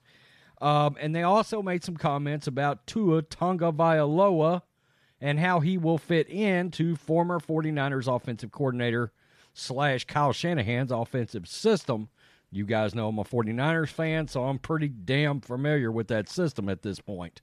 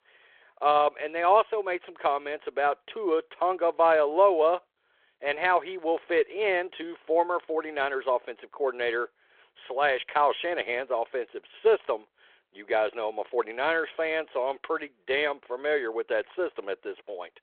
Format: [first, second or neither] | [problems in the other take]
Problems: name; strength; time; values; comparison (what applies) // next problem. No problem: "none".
first | phone-call audio